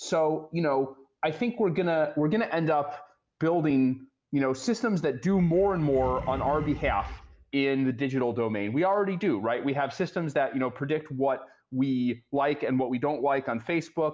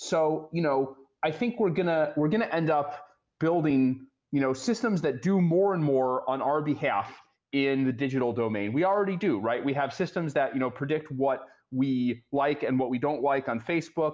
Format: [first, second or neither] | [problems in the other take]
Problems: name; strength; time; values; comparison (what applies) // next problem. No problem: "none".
second | background sound (Animal); 12 dB below the speech